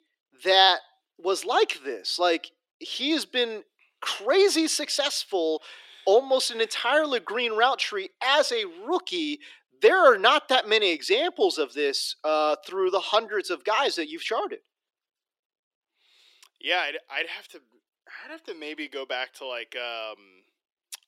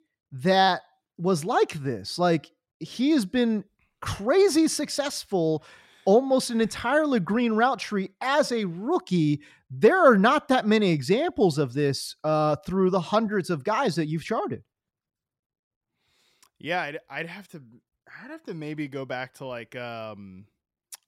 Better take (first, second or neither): second